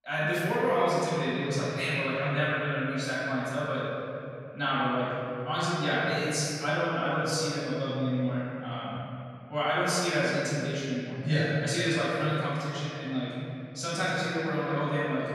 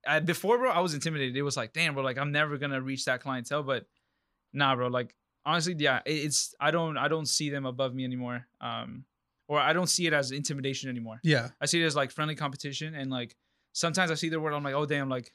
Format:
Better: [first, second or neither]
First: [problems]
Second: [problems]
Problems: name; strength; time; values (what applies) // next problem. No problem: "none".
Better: second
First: off-mic speech; far // room echo; strong; dies away in 2.8 s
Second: none